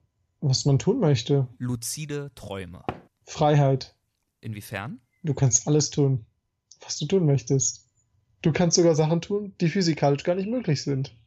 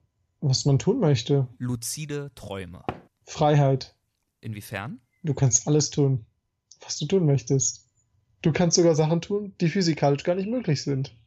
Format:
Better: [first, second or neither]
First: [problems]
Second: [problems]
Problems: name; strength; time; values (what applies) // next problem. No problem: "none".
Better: neither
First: door banging; faint; at 3 s; peak 15 dB below the speech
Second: door banging; faint; at 3 s; peak 15 dB below the speech